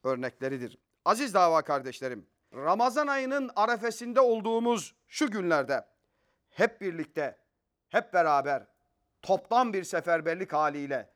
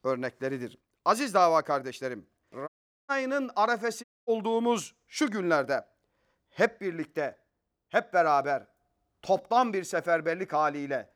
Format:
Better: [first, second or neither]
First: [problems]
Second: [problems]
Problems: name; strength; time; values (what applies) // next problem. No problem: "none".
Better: first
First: none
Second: audio cutting out; at 2.5 s and at 4 s